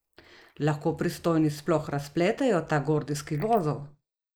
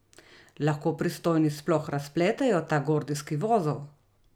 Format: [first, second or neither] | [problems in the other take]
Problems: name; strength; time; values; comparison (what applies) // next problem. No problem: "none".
second | noise reduction (neural mask model Resemble Enhance denoiser)